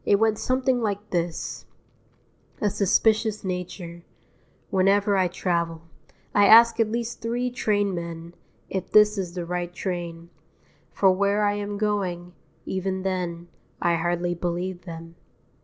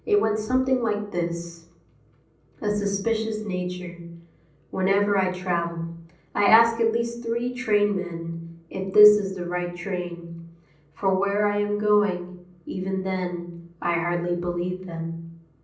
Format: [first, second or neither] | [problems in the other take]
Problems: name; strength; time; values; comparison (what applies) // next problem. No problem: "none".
first | room echo; dies away in 0.6 s